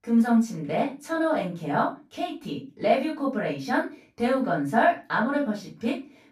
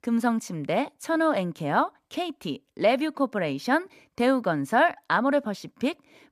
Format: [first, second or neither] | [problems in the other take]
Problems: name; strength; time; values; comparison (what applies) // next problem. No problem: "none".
second | off-mic speech; far // room echo; slight; dies away in 0.3 s